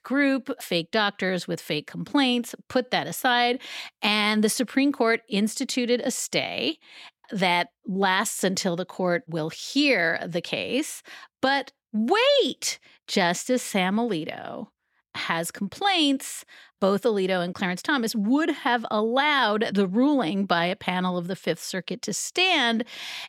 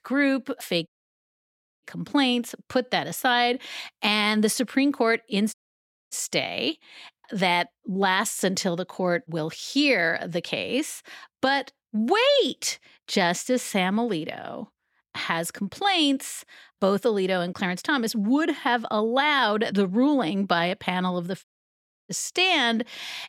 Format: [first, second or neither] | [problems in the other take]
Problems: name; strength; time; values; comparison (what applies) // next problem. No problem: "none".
first | audio cutting out; at 1 s for 1 s, at 5.5 s for 0.5 s and at 21 s for 0.5 s